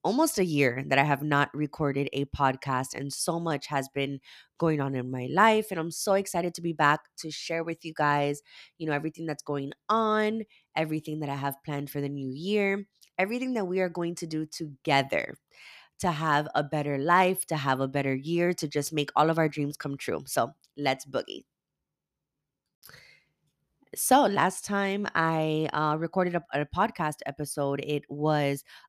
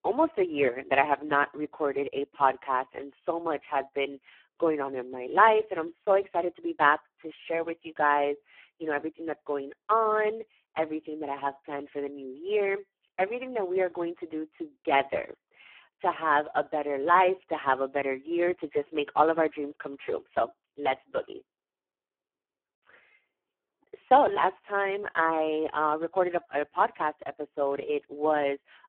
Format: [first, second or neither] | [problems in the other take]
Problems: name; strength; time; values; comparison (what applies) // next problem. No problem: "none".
first | phone-call audio; poor line